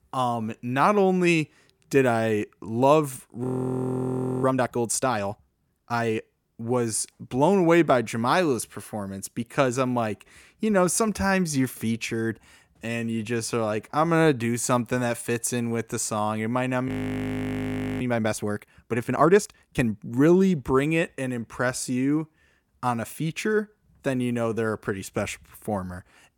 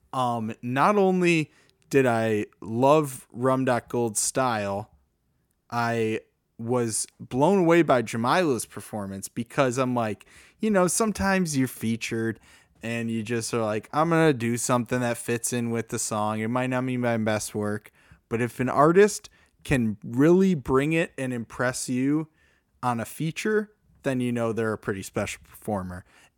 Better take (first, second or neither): second